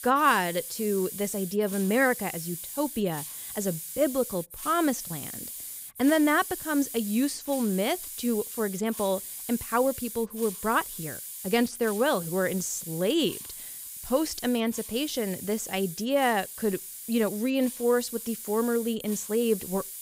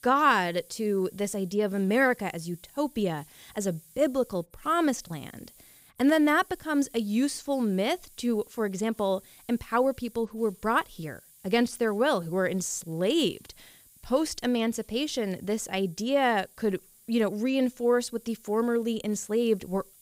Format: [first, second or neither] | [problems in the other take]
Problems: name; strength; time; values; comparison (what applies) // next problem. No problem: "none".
second | hiss; loud; throughout; 9 dB below the speech; faint in the second